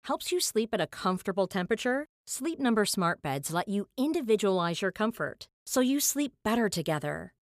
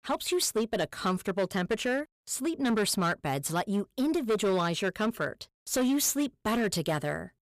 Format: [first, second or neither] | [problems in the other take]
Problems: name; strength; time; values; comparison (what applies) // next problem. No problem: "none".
first | distortion; slight; 10% of the sound clipped